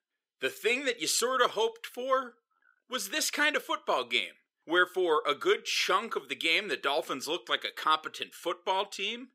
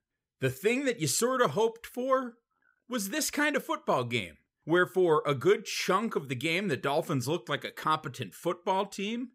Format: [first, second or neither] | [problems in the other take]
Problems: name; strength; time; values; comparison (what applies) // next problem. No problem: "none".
second | thin; somewhat; fading below 350 Hz